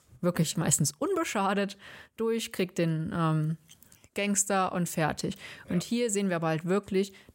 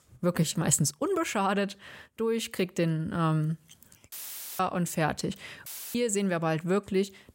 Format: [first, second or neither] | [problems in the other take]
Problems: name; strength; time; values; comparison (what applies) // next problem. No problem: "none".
first | audio cutting out; filled with static; at 4 s and at 5.5 s